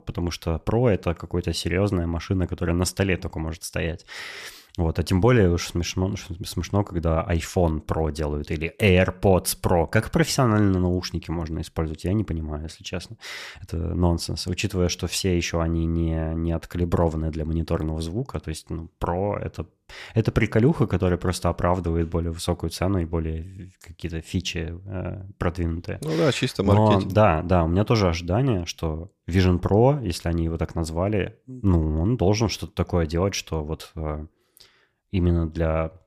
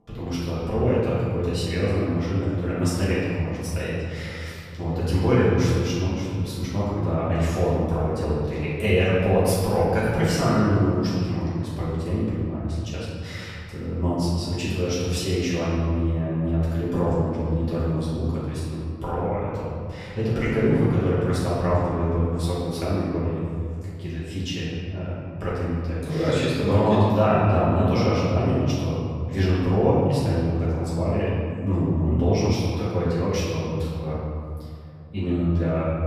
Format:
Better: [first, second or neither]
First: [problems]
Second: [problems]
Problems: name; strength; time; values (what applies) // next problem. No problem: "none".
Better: first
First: none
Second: off-mic speech; far // room echo; strong; dies away in 2.3 s